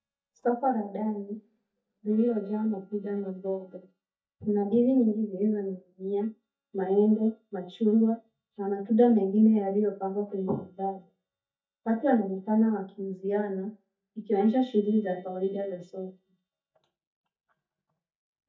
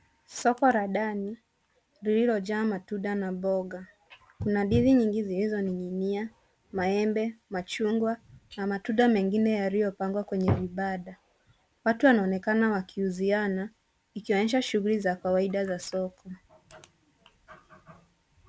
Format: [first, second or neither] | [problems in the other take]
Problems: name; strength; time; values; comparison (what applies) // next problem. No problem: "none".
second | noise reduction (neural mask model DeepFilterNet 3)